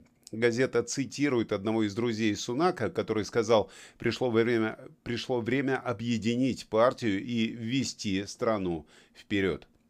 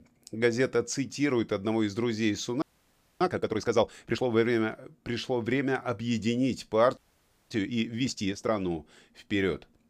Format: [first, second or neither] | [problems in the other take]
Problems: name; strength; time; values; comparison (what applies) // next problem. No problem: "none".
first | audio freezing; at 2.5 s for 0.5 s and at 7 s for 0.5 s